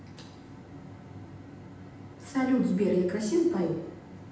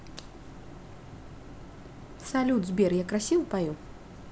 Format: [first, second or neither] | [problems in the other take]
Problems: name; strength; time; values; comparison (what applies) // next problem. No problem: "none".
second | room echo; dies away in 0.9 s